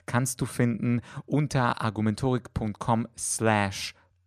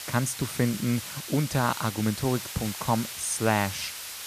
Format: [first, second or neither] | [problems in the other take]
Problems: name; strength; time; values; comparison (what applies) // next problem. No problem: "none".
first | hiss; loud; throughout; 7 dB below the speech